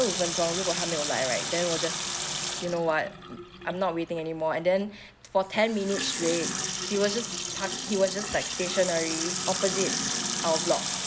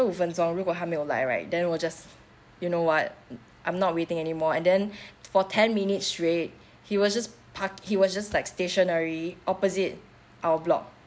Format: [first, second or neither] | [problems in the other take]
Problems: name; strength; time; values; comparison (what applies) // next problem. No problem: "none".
second | background sound (Sink (filling or washing) / Water tap, faucet); 3 dB below the speech